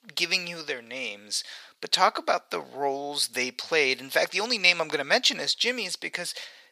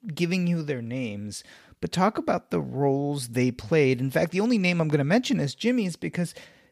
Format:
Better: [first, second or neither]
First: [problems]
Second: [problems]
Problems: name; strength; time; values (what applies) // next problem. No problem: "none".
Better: second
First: thin; very; fading below 750 Hz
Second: none